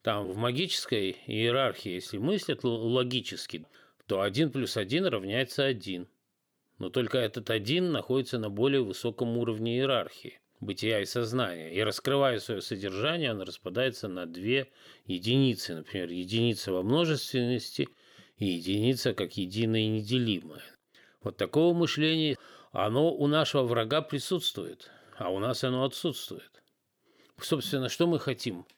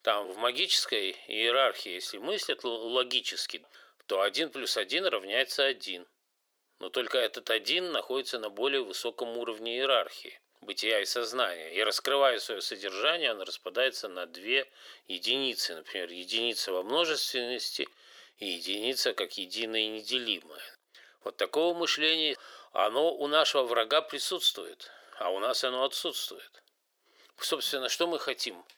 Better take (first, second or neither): first